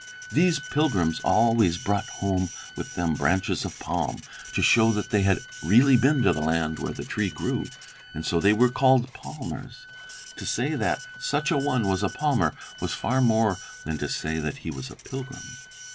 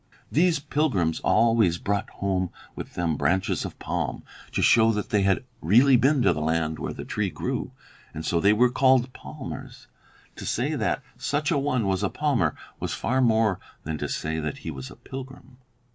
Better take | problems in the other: second | background sound (Wind instrument, woodwind instrument + Printer); 16 dB below the speech

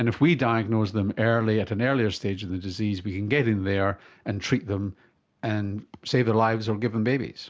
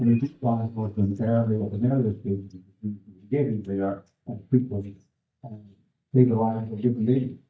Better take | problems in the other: first | noise reduction (neural mask model DeepFilterNet 3)

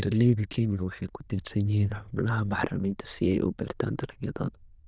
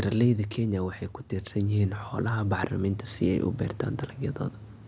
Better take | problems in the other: second | noise reduction (neural diffusion model UNIVERSE++)

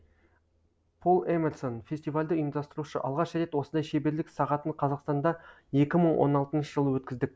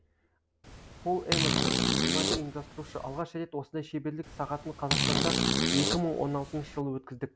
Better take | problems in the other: first | background sound (Fart); 5 dB above the speech

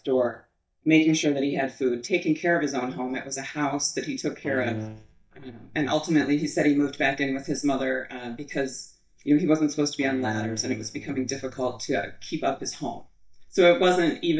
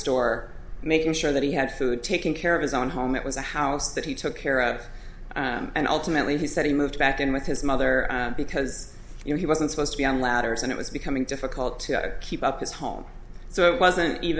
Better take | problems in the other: second | noise reduction (neural mask model DeepFilterNet 3)

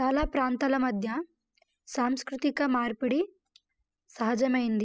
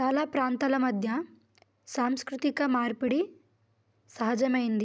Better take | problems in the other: second | noise reduction (classical method spectral subtraction)

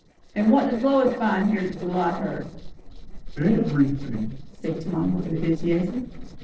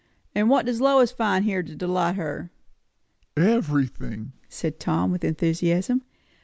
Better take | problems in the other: second | noise reduction (neural separator model SepFormer DNS4)

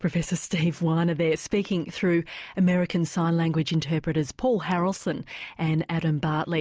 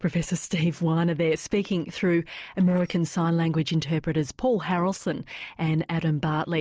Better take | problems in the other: first | noise reduction (neural separator model SepFormer DNS4)

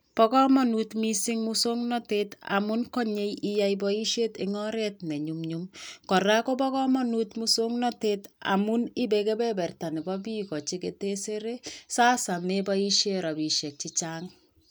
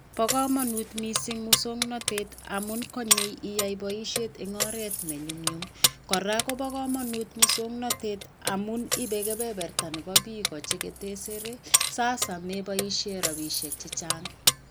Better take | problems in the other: first | background sound (Keys jangling); 1 dB above the speech

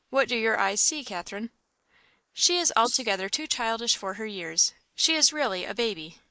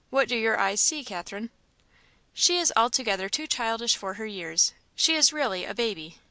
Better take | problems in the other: second | noise reduction (neural mask model Resemble Enhance denoiser)

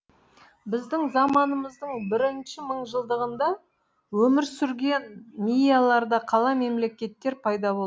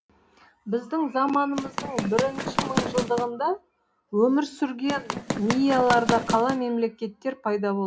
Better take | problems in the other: first | background sound (Run); 3 dB below the speech // room echo; dies away in 0.3 s

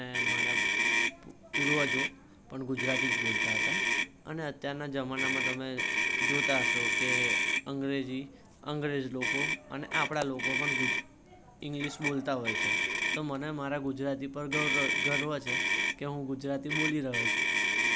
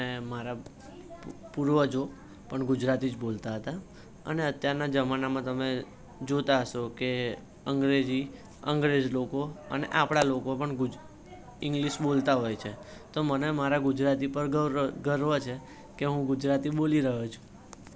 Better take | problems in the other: second | background sound (Motor vehicle (road)); 4 dB above the speech

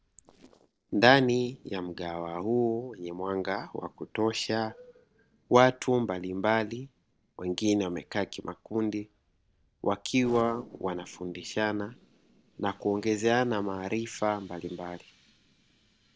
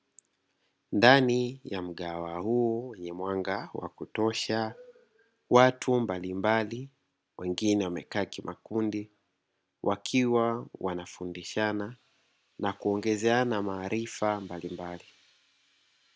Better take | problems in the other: second | noise reduction (neural separator model SepFormer DNS4)

